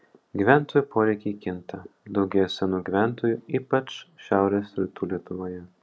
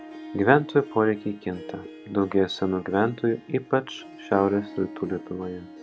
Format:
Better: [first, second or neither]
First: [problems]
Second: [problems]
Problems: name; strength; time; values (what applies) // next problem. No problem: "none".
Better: first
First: none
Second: background sound (Harp); 16 dB below the speech